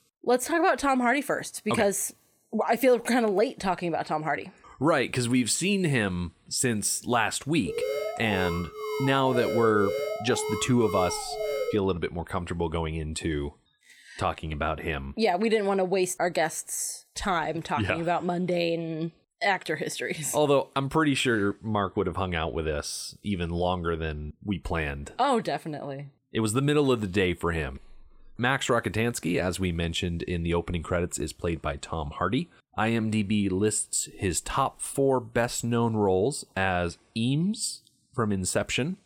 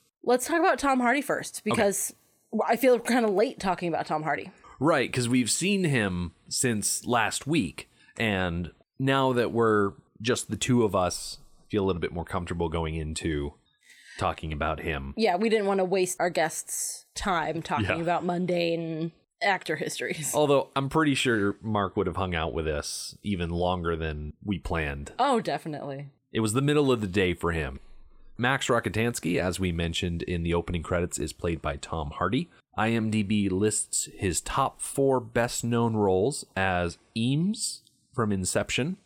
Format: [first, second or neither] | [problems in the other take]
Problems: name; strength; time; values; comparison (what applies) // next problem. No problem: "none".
second | alarm; noticeable; from 7.5 to 12 s; peak 2 dB below the speech